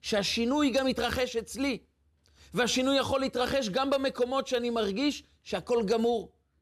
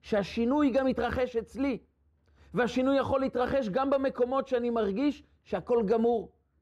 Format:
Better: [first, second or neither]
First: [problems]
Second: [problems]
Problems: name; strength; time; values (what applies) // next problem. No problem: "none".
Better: first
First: none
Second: muffled; very; fading above 2.5 kHz